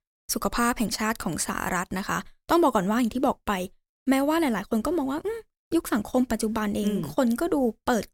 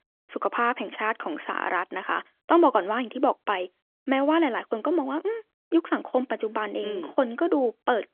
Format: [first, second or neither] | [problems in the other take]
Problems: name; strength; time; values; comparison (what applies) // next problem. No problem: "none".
first | phone-call audio